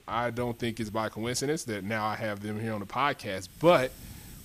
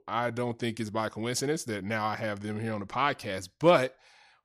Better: second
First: hiss; faint; throughout; 20 dB below the speech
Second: none

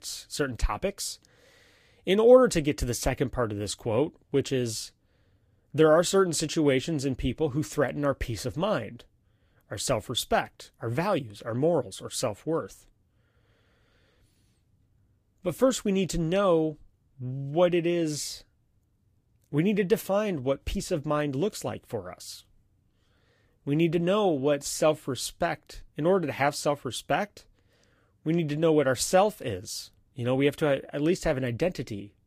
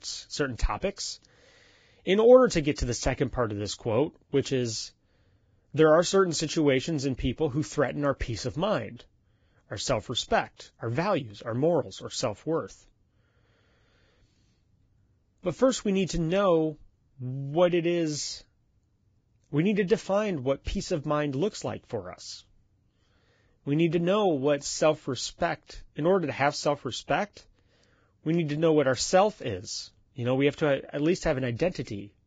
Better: first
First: garbled, watery; slightly; nothing above 15 kHz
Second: garbled, watery; badly; nothing above 7.5 kHz

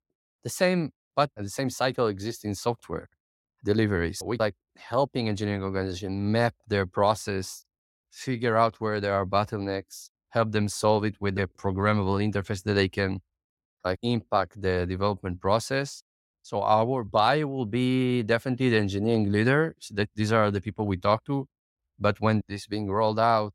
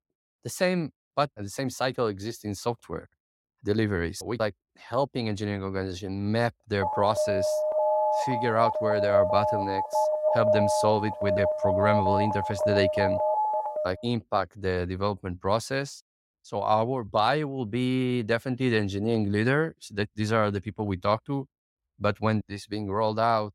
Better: first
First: none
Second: alarm; loud; from 7 to 14 s; peak 5 dB above the speech

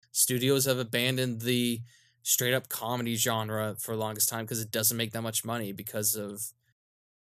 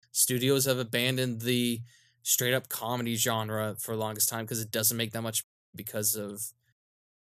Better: first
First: none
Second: audio cutting out; at 5.5 s

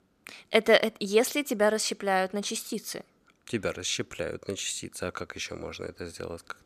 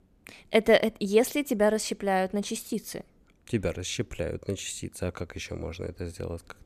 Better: second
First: thin; very slightly; fading below 450 Hz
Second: none

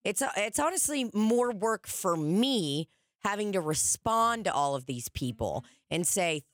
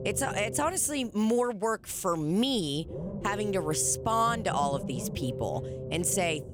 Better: first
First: none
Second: low rumble; noticeable; throughout; 10 dB below the speech

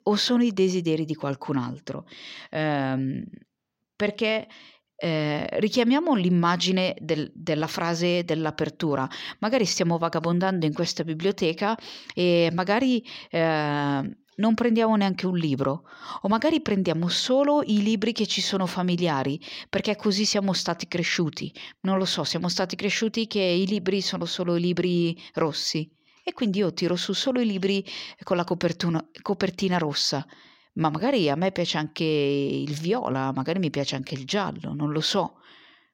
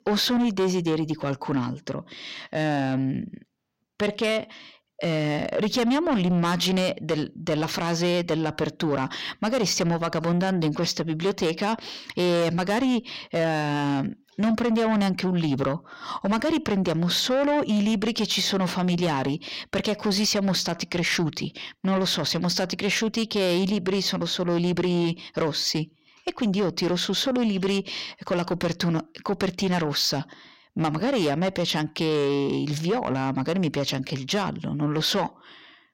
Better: first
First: none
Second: distortion; slight; 10 dB below the speech

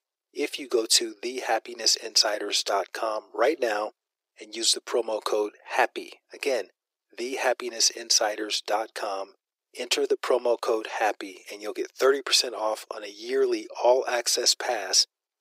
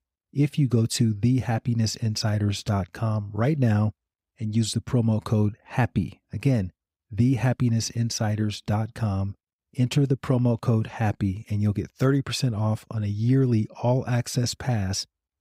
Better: second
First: thin; very; fading below 350 Hz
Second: none

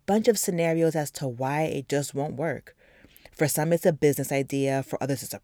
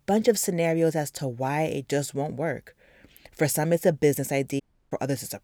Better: first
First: none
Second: audio cutting out; at 4.5 s

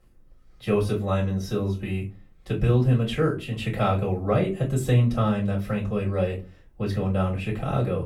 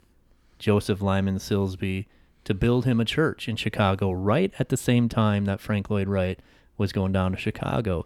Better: second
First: room echo; slight; dies away in 0.3 s // off-mic speech; far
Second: none

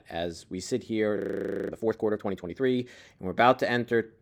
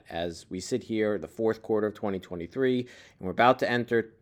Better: second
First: audio freezing; at 1 s for 0.5 s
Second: none

